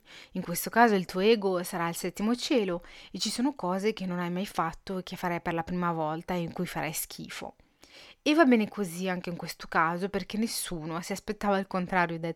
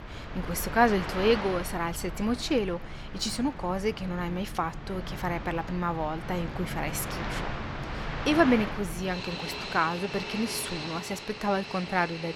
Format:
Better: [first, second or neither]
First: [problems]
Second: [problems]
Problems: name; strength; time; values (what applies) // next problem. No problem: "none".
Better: first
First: none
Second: train or aircraft noise; loud; throughout; 7 dB below the speech